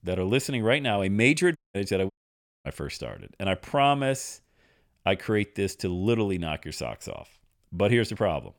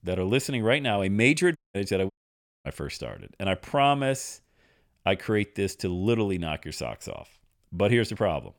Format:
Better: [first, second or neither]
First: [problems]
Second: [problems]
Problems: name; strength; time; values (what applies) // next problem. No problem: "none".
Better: neither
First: audio cutting out; at 1.5 s and at 2 s for 0.5 s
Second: audio cutting out; at 1.5 s and at 2 s for 0.5 s